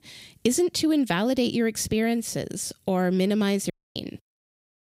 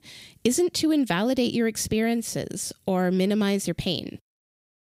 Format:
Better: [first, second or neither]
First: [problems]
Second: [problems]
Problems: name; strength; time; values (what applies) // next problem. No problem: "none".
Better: second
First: audio cutting out; at 3.5 s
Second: none